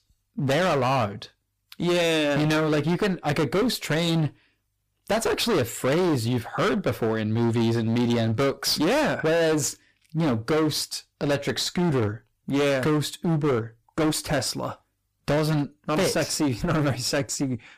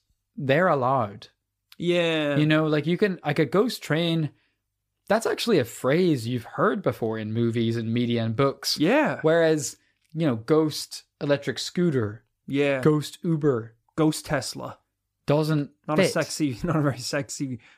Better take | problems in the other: second | distortion; heavy; 24% of the sound clipped

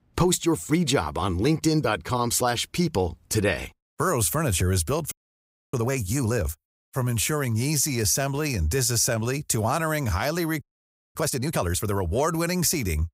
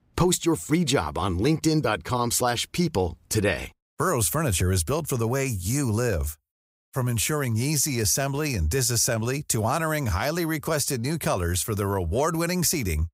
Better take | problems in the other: second | audio freezing; at 5 s for 0.5 s and at 11 s for 0.5 s

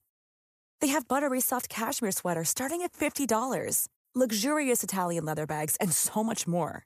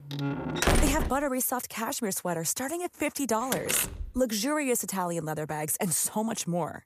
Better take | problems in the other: first | door banging; loud; at the start; peak 4 dB above the speech // door banging; noticeable; at 3.5 s; peak 1 dB below the speech

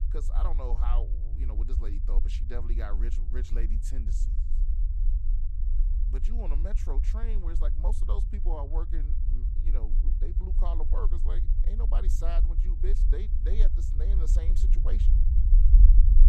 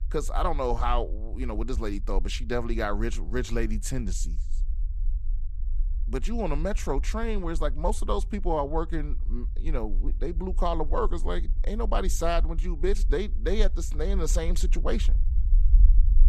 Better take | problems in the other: second | low rumble; loud; throughout; 6 dB below the speech; faint in the second

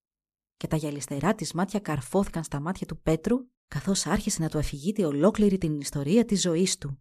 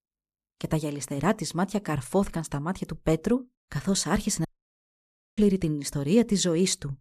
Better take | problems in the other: first | audio cutting out; at 4.5 s for 1 s

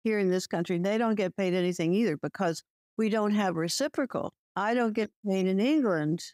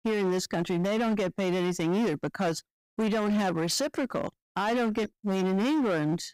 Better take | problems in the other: first | distortion; slight; 22% of the sound clipped

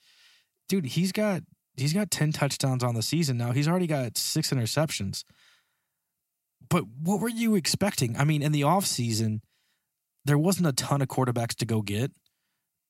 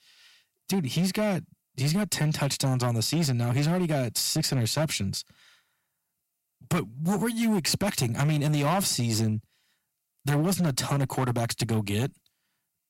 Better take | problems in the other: first | distortion; slight; 11% of the sound clipped

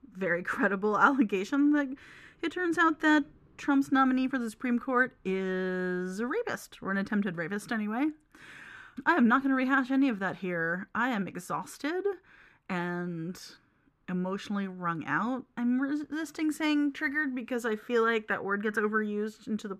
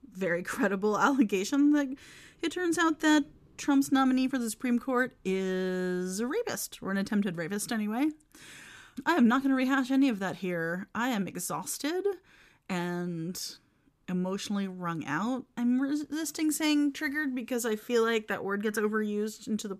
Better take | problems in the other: second | muffled; slightly; fading above 4 kHz

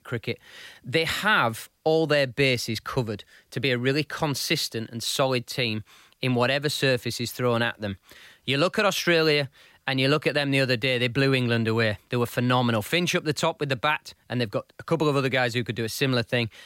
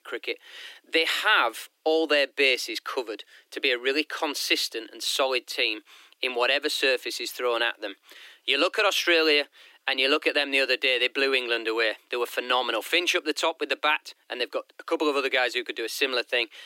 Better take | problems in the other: first | thin; somewhat; fading below 300 Hz

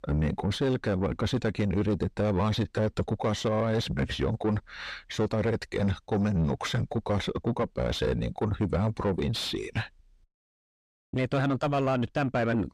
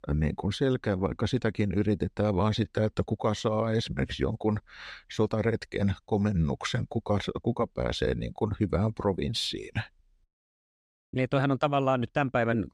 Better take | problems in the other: second | distortion; slight; 10 dB below the speech

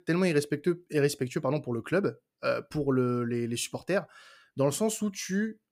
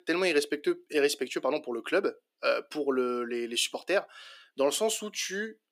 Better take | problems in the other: first | thin; somewhat; fading below 300 Hz

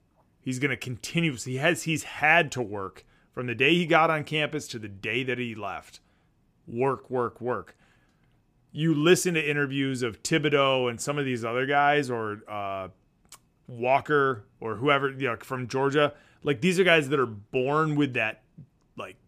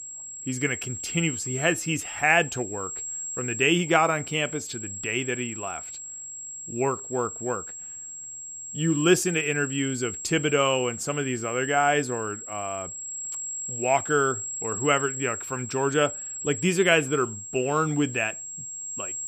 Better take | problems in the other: first | high-pitched whine; loud; throughout; 7.5 kHz, 7 dB below the speech

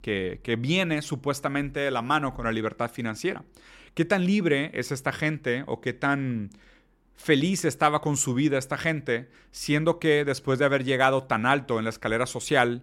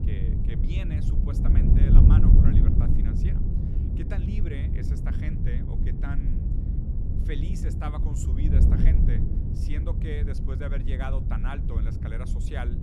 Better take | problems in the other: first | wind noise on the microphone; heavy; 2 dB above the speech

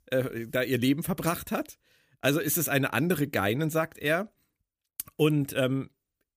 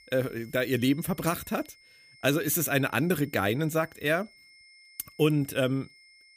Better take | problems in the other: first | high-pitched whine; faint; throughout; 2 kHz, 25 dB below the speech

